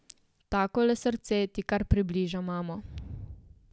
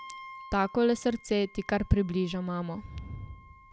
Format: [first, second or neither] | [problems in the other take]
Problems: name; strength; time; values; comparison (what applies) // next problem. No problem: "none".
first | background sound (Wind instrument, woodwind instrument); 20 dB below the speech